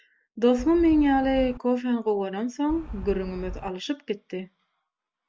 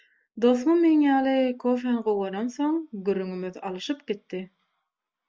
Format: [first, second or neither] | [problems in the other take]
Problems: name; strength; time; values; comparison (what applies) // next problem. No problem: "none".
second | background sound (Wind); 11 dB below the speech